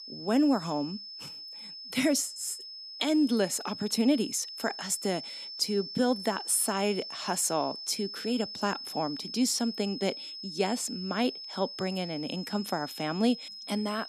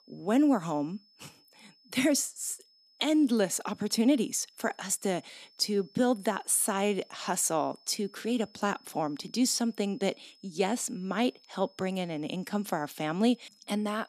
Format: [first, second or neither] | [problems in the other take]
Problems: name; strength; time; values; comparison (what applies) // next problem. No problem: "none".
second | high-pitched whine; loud; throughout; 5.5 kHz, 9 dB below the speech; faint in the second